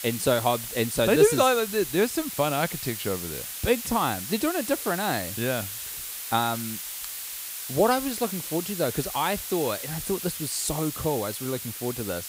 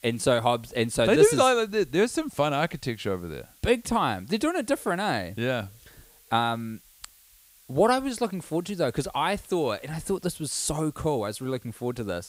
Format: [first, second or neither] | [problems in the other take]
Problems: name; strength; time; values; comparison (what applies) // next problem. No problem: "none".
second | hiss; loud; throughout; 6 dB below the speech; faint in the second